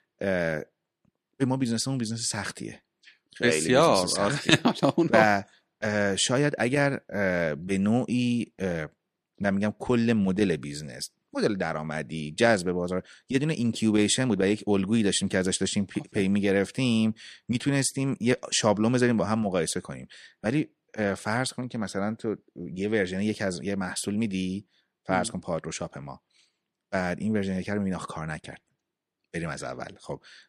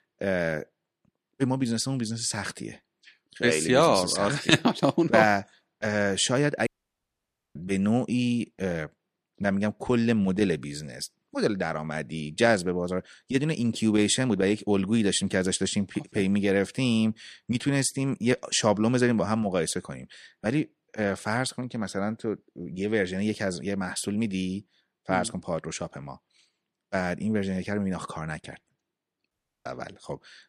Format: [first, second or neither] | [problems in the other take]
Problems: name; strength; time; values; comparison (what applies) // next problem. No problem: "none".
first | audio cutting out; at 6.5 s for 1 s and at 29 s